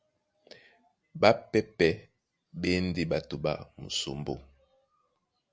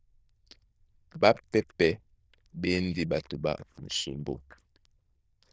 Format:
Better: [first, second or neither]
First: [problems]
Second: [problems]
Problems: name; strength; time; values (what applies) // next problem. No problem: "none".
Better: first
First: none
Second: noise reduction (neural diffusion model UNIVERSE++)